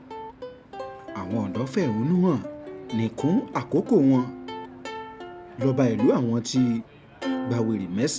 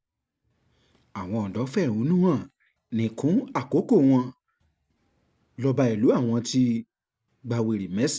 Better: second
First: background sound (Plucked string instrument); 10 dB below the speech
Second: none

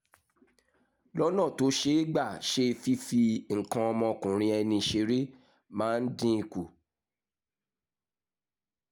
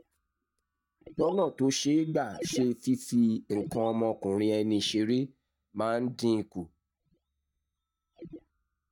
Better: first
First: none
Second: noise reduction (neural mask model DeepFilterNet 3)

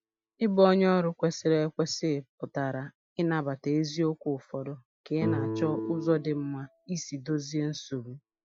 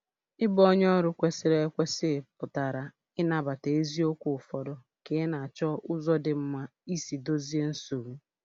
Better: second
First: noise reduction (classical method Wiener filter)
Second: none

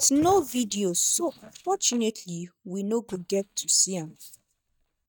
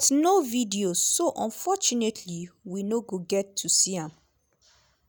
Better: second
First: noise reduction (neural mask model DeepFilterNet 3)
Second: none

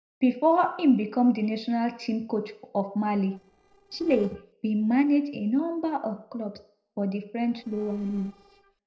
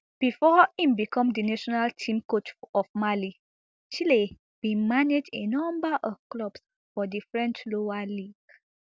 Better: second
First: noise reduction (neural separator model SepFormer DNS4)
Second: none

